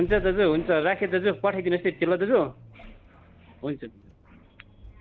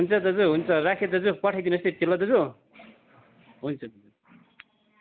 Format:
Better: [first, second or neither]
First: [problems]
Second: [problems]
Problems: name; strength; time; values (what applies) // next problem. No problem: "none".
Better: second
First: background sound (Accelerating, revving, vroom); 18 dB below the speech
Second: none